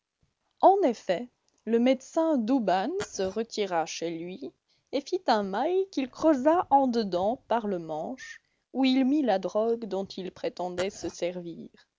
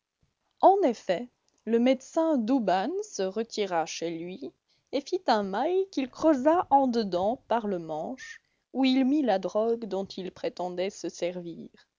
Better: second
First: background sound (Glass); 15 dB below the speech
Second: none

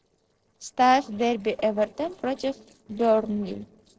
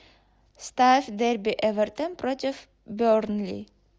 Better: second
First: noise reduction (neural separator model SepFormer DNS4)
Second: none

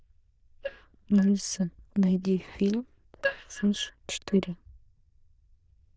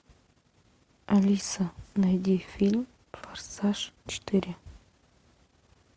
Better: second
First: noise reduction (neural diffusion model UNIVERSE++)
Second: none

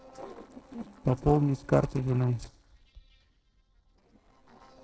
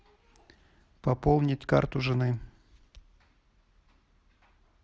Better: second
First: noise reduction (neural separator model SepFormer DNS4)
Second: none

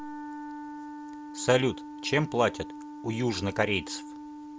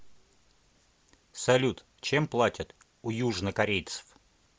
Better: second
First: background sound (Wind instrument, woodwind instrument); 10 dB below the speech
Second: none

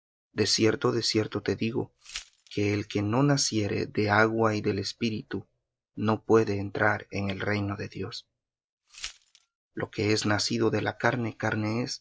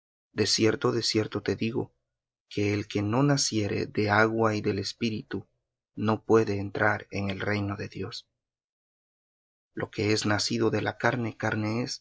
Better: second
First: background sound (Glass); 18 dB below the speech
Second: none

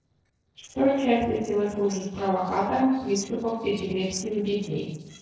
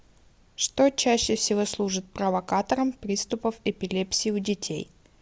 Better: second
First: noise reduction (neural separator model SepFormer DNS4)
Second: none

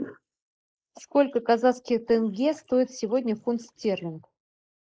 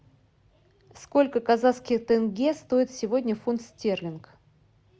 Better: second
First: noise reduction (neural mask model Resemble Enhance denoiser)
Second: none

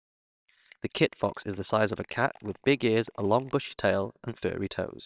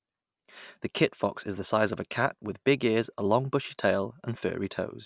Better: second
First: noise reduction (neural separator model SepFormer WHAMR!)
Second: none

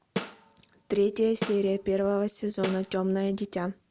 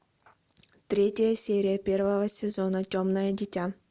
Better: second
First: background sound (Snare drum); 11 dB below the speech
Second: none

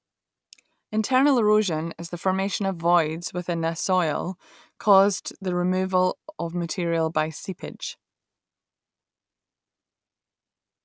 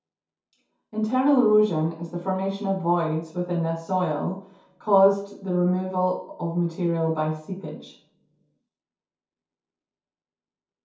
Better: first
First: none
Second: room echo; dies away in 0.6 s

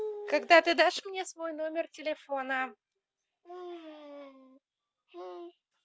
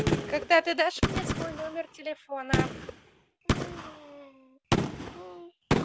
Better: first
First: none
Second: background sound (Gunshot, gunfire); 1 dB above the speech

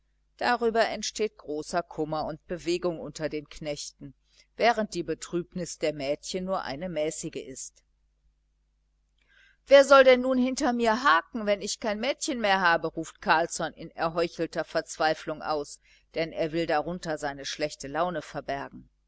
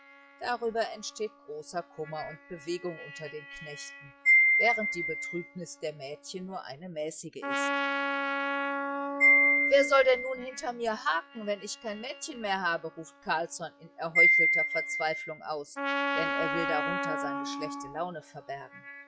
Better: first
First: none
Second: noise reduction (classical method log-MMSE)

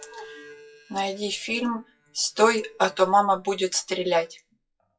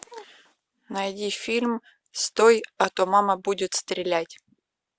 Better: second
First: noise reduction (classical method WPE with log-MMSE)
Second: none

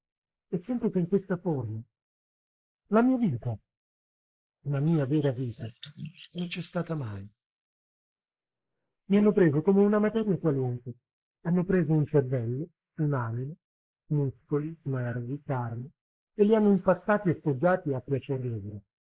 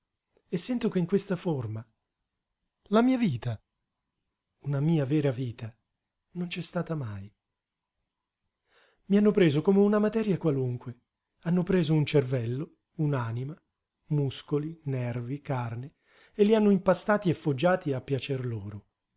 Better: second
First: noise reduction (neural mask model Resemble Enhance denoiser)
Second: none

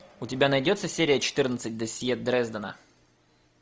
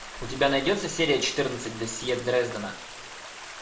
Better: first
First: none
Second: background sound (Stream); 13 dB below the speech // room echo; dies away in 0.5 s

